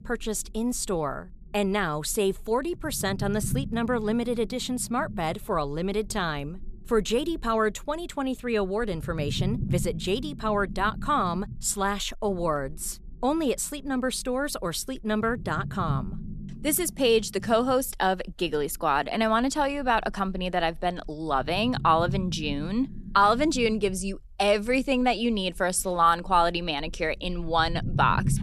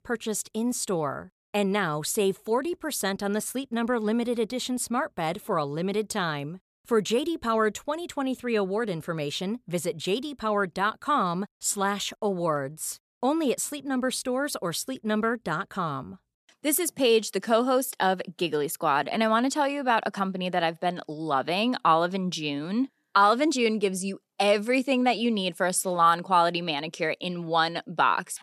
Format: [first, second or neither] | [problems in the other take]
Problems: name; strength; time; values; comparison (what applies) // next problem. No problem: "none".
second | low rumble; noticeable; throughout; 20 dB below the speech